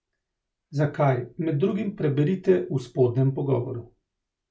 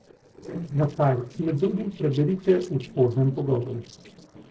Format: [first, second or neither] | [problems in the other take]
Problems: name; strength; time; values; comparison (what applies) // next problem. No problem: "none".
first | noise reduction (neural separator model SepFormer DNS4)